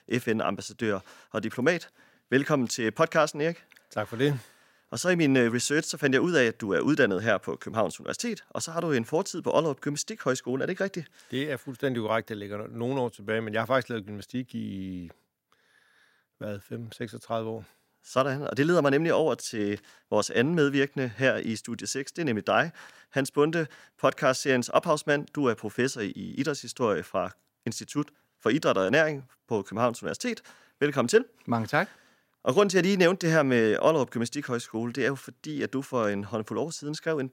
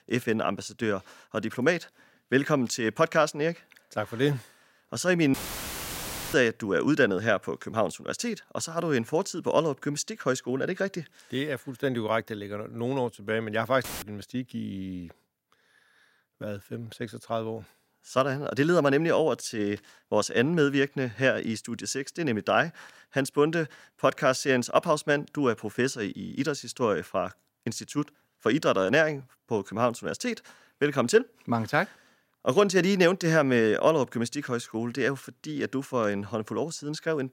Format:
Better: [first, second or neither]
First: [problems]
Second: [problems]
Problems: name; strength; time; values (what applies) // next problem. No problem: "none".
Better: first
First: none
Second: audio cutting out; filled with static; at 5.5 s for 1 s and at 14 s